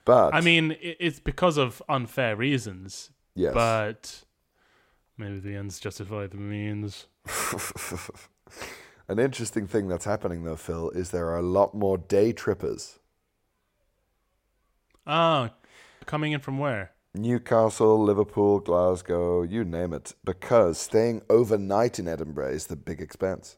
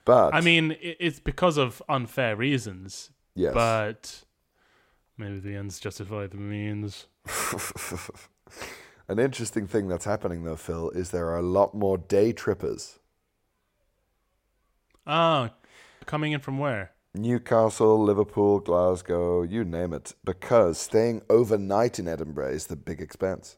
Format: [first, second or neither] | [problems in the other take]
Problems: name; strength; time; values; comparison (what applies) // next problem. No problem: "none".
neither | none